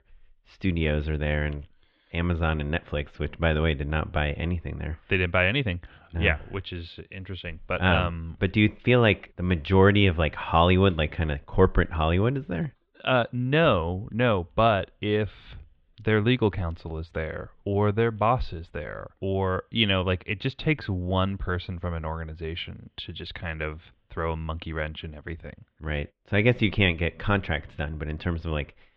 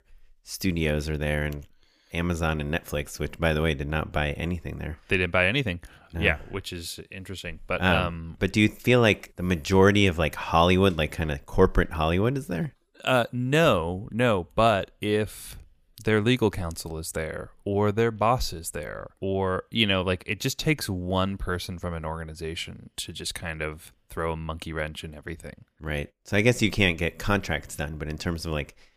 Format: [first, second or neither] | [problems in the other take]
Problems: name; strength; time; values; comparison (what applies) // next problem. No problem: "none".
second | muffled; very; fading above 3.5 kHz